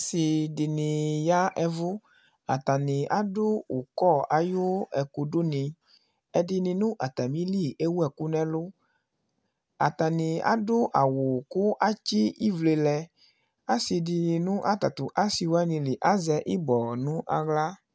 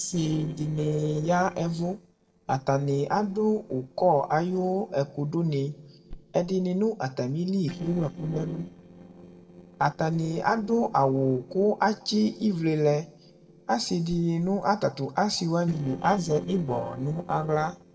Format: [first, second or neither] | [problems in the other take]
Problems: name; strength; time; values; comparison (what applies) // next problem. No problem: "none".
first | noise reduction (neural separator model SepFormer DNS4)